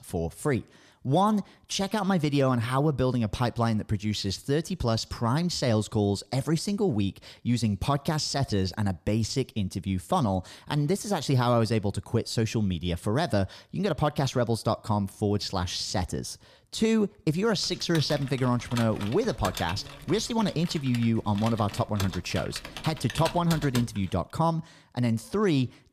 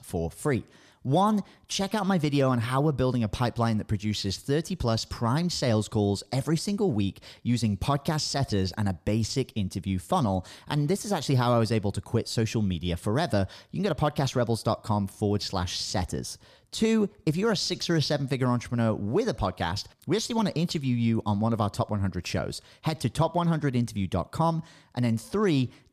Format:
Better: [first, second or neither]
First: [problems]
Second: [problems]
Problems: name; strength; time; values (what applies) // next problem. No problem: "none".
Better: second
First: keyboard typing; noticeable; from 18 to 24 s; peak 6 dB below the speech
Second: none